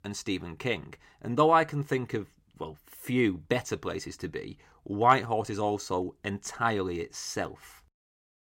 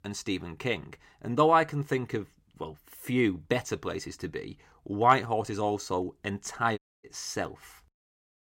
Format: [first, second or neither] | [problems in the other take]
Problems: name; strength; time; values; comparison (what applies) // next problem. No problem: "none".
first | audio cutting out; at 7 s